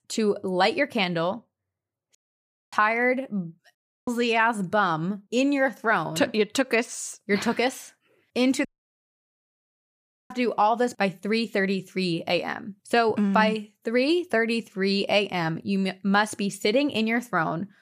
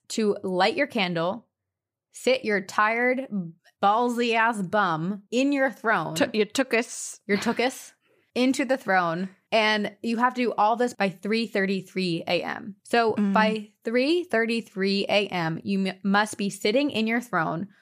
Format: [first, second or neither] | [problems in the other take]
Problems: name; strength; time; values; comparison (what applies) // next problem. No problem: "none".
second | audio cutting out; at 2 s for 0.5 s, at 4 s and at 8.5 s for 1.5 s